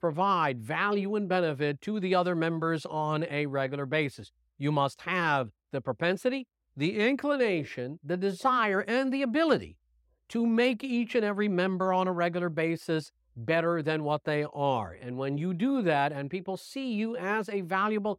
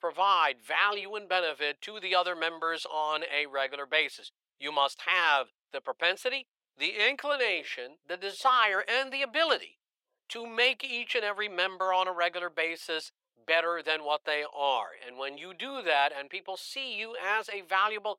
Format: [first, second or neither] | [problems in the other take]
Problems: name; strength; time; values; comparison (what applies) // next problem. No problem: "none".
first | thin; very; fading below 600 Hz